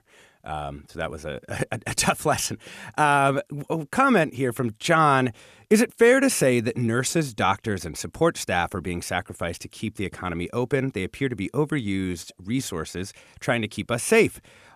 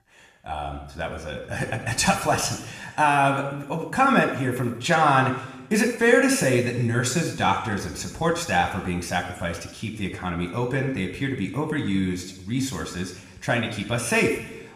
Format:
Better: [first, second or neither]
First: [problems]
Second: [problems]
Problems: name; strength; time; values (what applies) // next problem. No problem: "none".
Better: first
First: none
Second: room echo; noticeable; dies away in 0.9 s // off-mic speech; somewhat distant